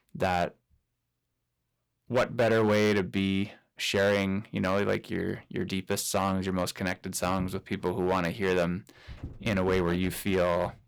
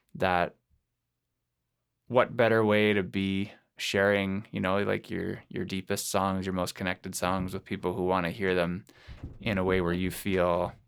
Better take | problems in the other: second | distortion; slight; 4% of the sound clipped

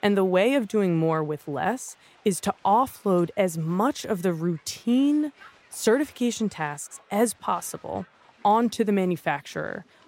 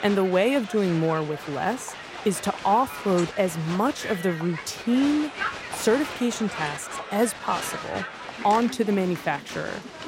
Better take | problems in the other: first | crowd noise; loud; throughout; 9 dB below the speech; faint in the first

